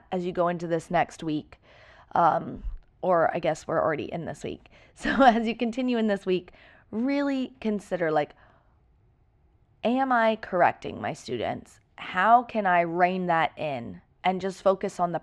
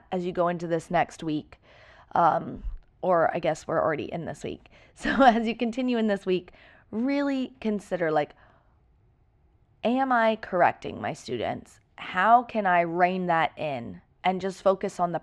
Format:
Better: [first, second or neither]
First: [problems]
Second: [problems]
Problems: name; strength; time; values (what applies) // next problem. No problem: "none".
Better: neither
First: muffled; slightly; fading above 3.5 kHz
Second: muffled; slightly; fading above 3.5 kHz